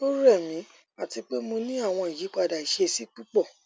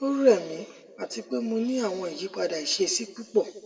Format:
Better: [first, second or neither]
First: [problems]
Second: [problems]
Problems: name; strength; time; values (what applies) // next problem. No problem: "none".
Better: first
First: none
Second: room echo; dies away in 1.5 s